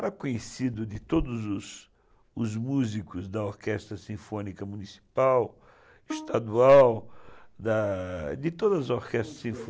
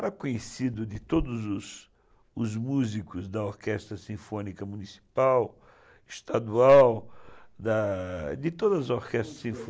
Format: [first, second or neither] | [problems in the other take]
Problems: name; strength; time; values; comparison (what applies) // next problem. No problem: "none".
second | background sound (Bowed string instrument); 16 dB below the speech